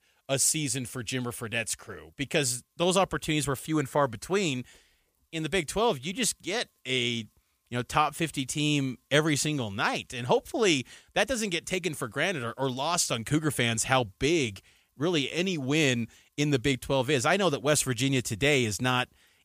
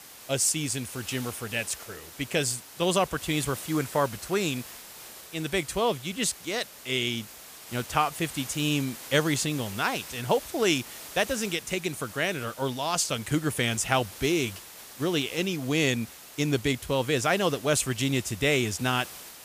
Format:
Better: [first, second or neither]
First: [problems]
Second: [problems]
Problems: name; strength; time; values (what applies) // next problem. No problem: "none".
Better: first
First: none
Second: hiss; noticeable; throughout; 15 dB below the speech